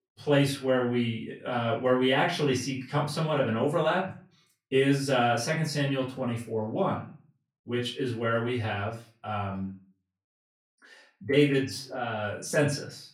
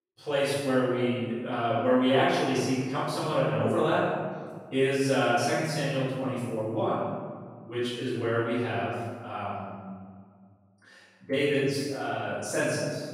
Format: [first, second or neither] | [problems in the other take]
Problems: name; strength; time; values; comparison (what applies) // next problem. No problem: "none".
first | room echo; strong; dies away in 1.4 s; slight in the first // off-mic speech; far; far in the first